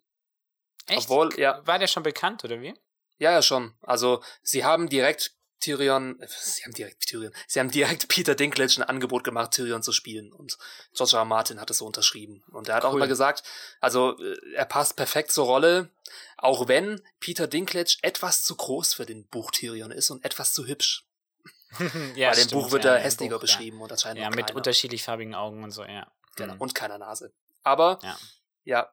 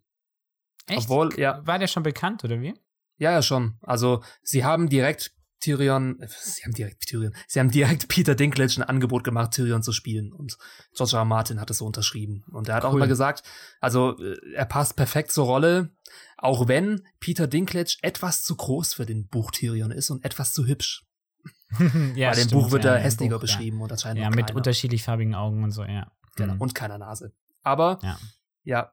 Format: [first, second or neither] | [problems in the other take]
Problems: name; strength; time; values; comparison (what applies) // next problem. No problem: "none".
second | thin; somewhat; fading below 400 Hz